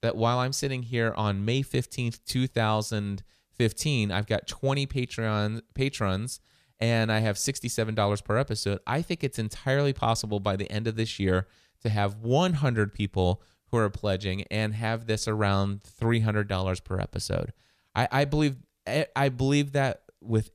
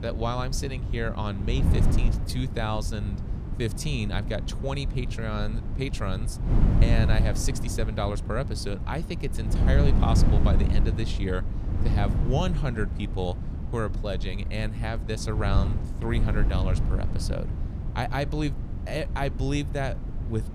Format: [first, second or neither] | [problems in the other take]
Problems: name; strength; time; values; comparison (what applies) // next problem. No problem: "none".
first | wind noise on the microphone; heavy; 7 dB below the speech